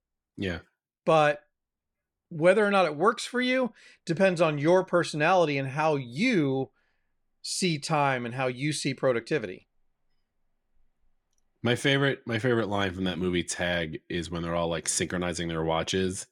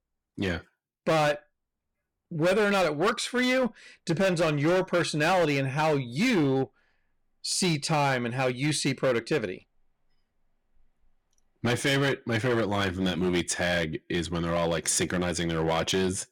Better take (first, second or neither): first